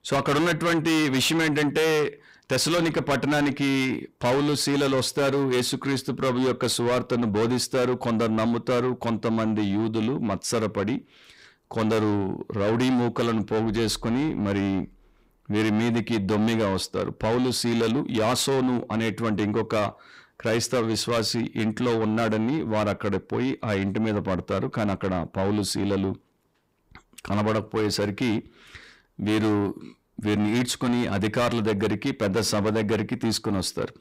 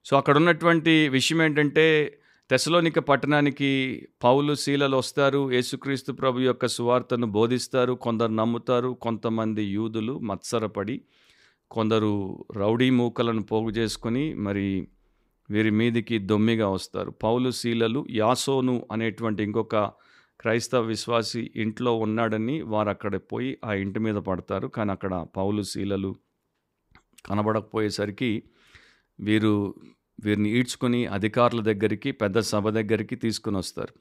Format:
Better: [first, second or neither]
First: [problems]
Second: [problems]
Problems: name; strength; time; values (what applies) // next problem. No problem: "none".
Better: second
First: distortion; heavy; 6 dB below the speech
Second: none